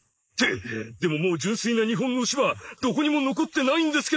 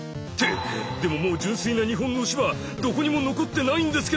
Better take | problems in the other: second | noise reduction (neural mask model Resemble Enhance denoiser)

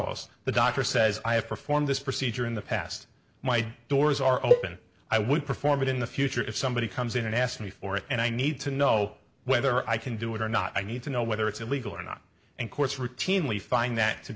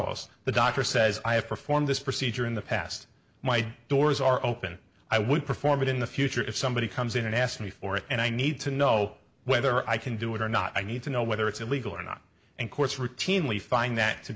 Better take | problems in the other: second | background sound (Cowbell); as loud as the speech

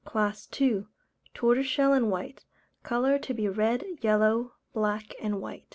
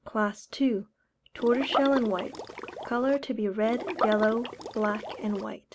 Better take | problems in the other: first | background sound (Liquid); 7 dB below the speech

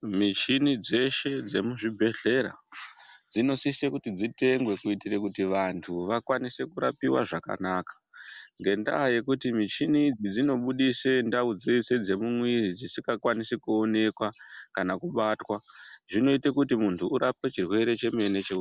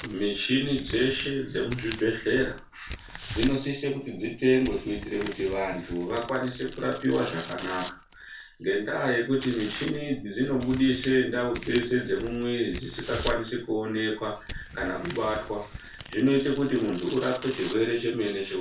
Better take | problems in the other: first | background sound (Tearing); 13 dB below the speech // room echo; dies away in 0.3 s

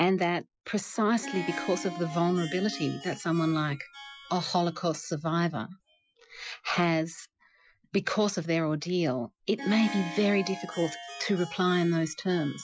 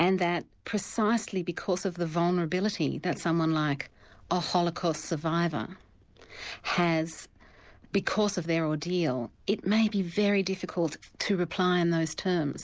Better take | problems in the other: second | noise reduction (classical method Wiener filter)

